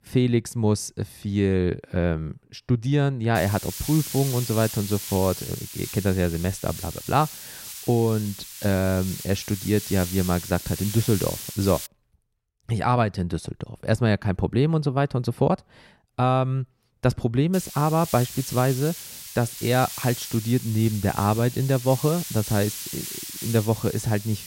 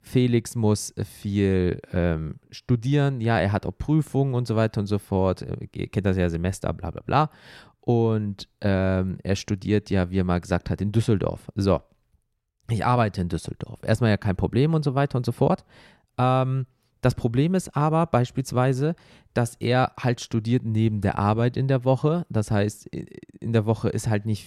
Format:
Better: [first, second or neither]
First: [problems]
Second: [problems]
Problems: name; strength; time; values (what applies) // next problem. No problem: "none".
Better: second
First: hiss; loud; from 3.5 to 12 s and from 18 s on; 9 dB below the speech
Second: none